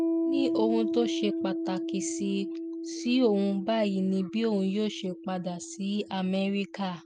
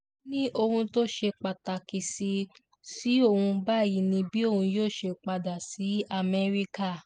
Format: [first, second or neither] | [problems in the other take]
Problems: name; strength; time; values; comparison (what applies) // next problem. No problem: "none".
second | background sound (Piano); 4 dB below the speech